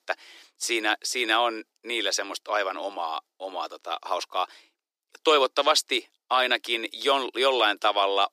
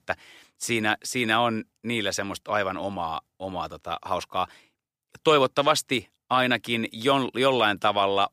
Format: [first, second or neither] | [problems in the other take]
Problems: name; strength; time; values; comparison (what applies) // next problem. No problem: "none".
second | thin; somewhat; fading below 350 Hz